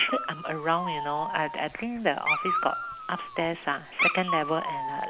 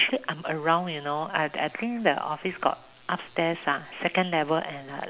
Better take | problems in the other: second | background sound (Dog); 2 dB below the speech

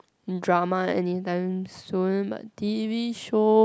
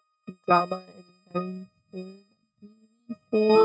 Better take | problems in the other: first | noise reduction (neural mask model RNNoise)

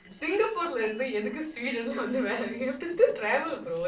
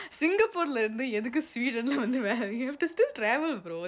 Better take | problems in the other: second | noise reduction (neural separator model SepFormer DNS4)

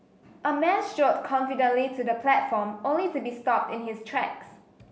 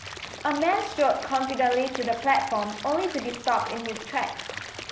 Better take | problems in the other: first | background sound (Stream / Liquid); 11 dB below the speech

